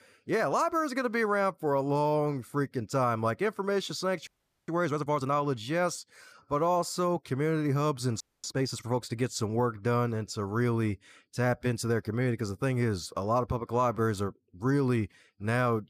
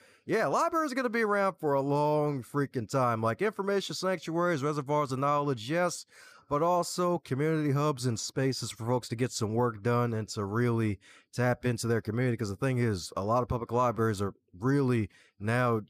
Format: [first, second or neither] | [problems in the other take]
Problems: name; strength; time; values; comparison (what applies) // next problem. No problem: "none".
second | audio freezing; at 4.5 s and at 8 s